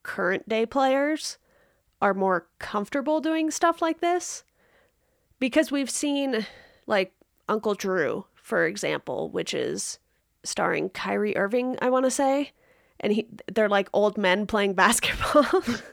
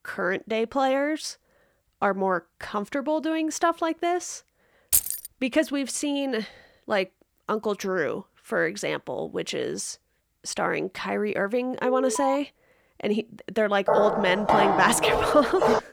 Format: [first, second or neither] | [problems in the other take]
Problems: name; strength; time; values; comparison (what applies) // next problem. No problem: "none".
first | jangling keys; loud; at 5 s; peak 4 dB above the speech // alarm; noticeable; at 12 s; peak 5 dB below the speech // footsteps; loud; from 14 s on; peak 4 dB above the speech